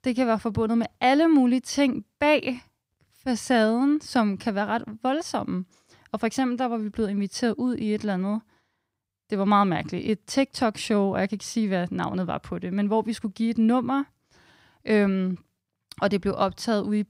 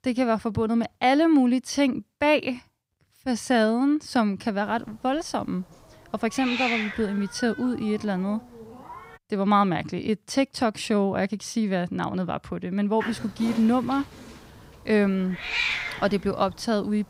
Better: first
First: none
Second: hiss; loud; from 4.5 to 9 s and from 13 s on; 6 dB below the speech

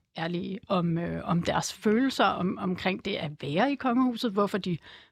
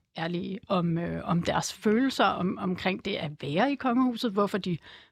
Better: neither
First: none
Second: none

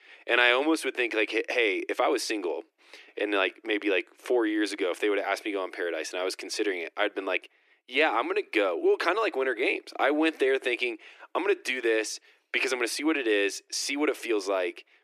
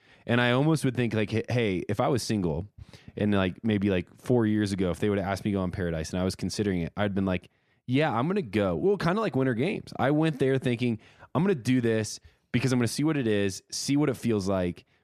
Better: second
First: thin; very; fading below 300 Hz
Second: none

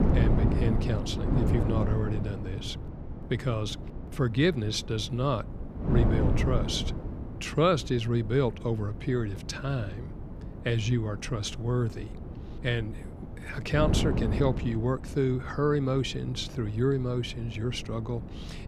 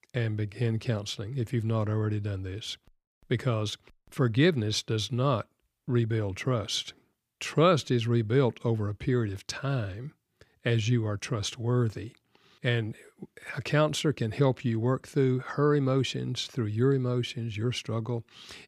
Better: second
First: wind noise on the microphone; heavy; 9 dB below the speech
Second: none

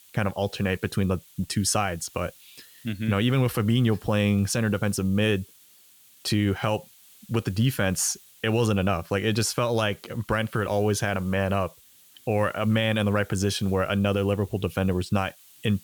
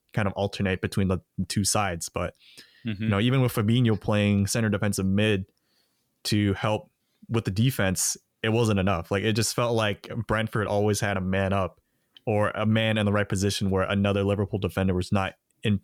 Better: second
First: hiss; faint; throughout; 25 dB below the speech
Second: none

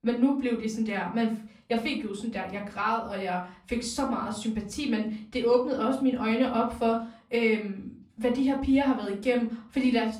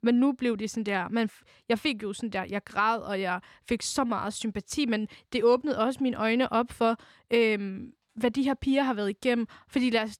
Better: second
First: off-mic speech; far // room echo; slight; dies away in 0.4 s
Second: none

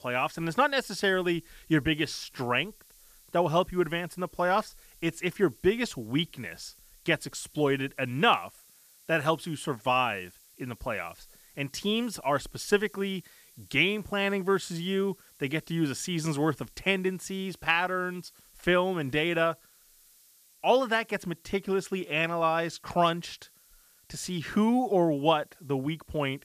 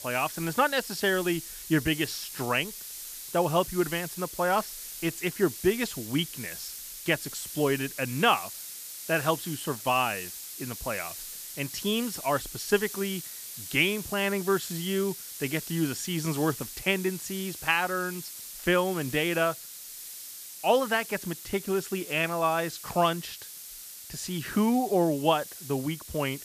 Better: first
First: hiss; faint; throughout; 25 dB below the speech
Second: hiss; loud; throughout; 10 dB below the speech

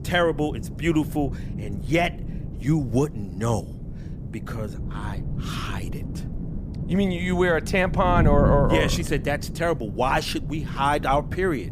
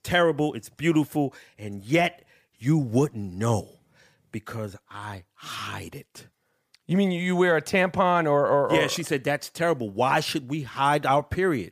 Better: second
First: wind noise on the microphone; occasional gusts; 15 dB below the speech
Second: none

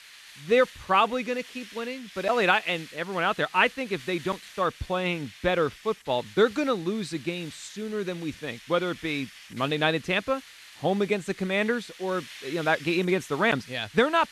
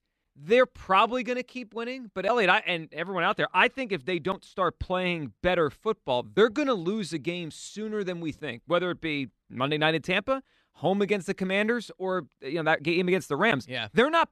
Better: second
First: hiss; noticeable; throughout; 20 dB below the speech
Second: none

